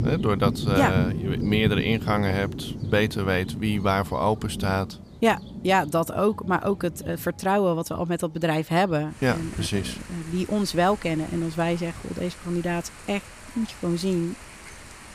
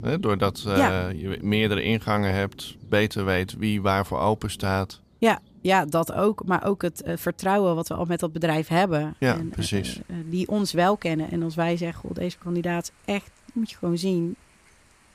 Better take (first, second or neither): second